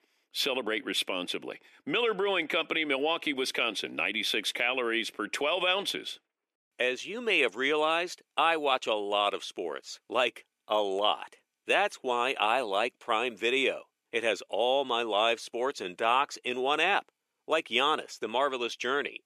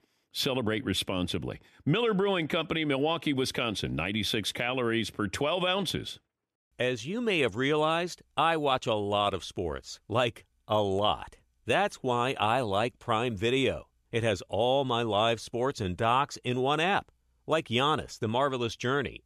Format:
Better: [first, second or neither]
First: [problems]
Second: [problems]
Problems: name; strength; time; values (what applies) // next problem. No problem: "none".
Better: second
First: thin; somewhat; fading below 300 Hz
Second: none